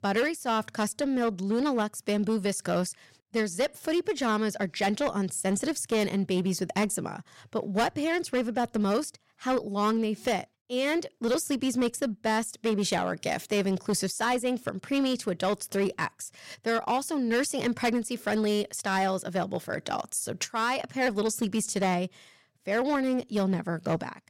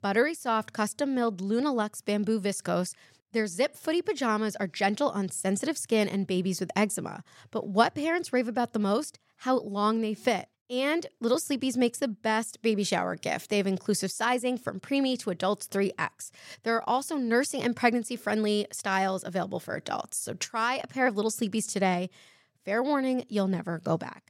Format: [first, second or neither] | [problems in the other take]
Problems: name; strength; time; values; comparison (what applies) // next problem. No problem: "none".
second | distortion; slight; 8% of the sound clipped